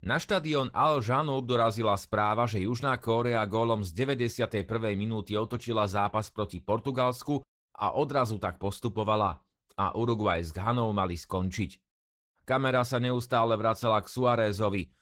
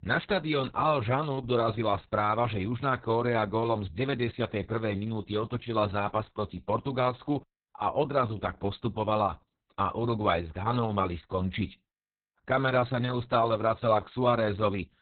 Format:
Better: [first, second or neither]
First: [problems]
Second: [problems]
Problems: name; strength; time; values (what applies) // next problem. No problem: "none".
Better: first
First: garbled, watery; slightly; nothing above 16.5 kHz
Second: garbled, watery; badly; nothing above 4 kHz